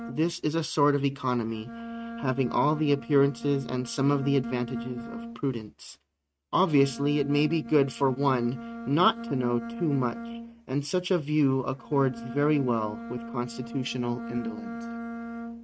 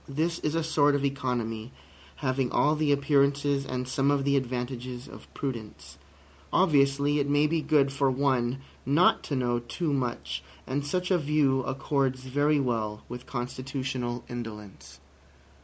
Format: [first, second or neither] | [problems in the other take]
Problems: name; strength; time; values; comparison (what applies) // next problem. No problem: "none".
second | noise reduction (neural mask model RNNoise)